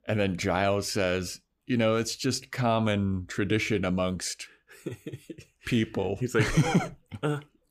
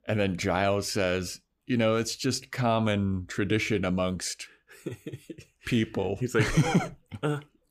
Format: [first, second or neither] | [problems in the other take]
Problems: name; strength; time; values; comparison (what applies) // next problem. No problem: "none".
neither | none